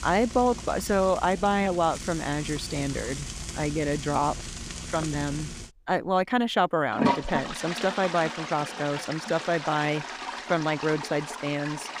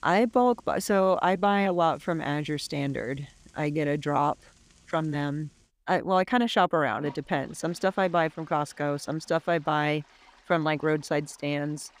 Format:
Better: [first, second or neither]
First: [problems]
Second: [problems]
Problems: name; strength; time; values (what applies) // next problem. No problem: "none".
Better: second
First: household noises; loud; throughout; 7 dB below the speech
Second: household noises; faint; throughout; 30 dB below the speech